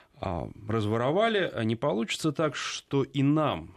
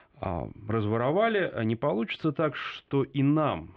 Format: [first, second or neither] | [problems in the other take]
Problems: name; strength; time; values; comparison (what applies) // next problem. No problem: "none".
first | muffled; very; fading above 3 kHz